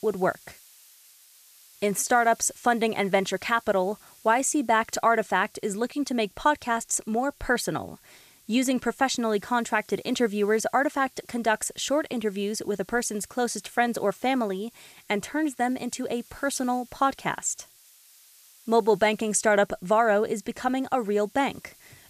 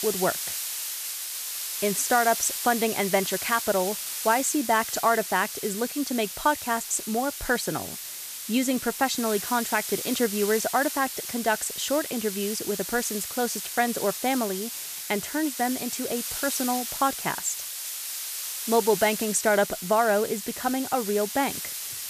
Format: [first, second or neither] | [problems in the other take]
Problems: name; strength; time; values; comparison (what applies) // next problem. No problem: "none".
first | hiss; loud; throughout; 5 dB below the speech; faint in the first